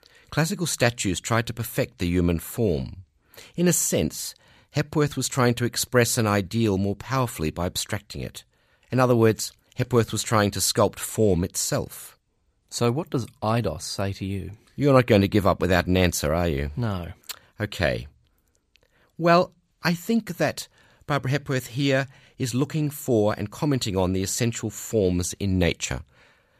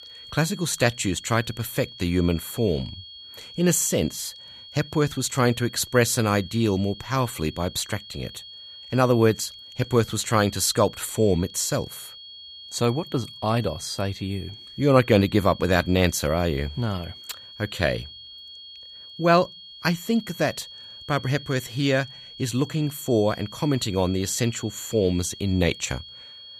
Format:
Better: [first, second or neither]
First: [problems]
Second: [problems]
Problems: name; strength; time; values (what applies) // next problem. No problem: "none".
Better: first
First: none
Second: high-pitched whine; noticeable; throughout; 3.5 kHz, 15 dB below the speech